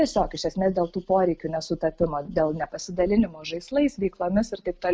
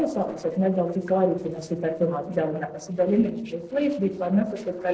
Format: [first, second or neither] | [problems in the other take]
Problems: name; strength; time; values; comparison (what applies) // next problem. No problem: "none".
first | noise reduction (neural separator model SepFormer DNS4)